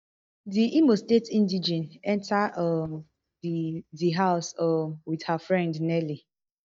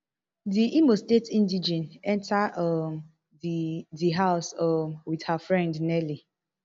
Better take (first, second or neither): second